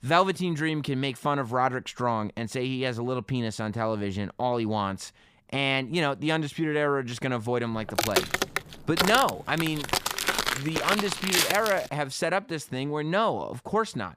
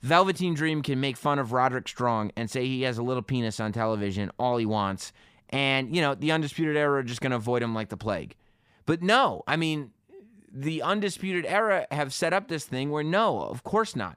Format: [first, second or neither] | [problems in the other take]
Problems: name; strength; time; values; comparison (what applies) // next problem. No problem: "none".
second | footsteps; loud; from 8 to 12 s; peak 4 dB above the speech